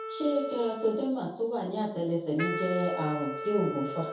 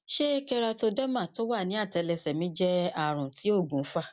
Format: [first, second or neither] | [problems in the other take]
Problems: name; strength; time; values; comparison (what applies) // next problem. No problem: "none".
second | background sound (Wind instrument, woodwind instrument); 8 dB below the speech // room echo; dies away in 0.6 s